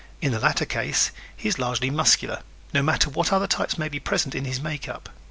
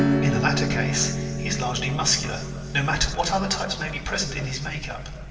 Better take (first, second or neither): first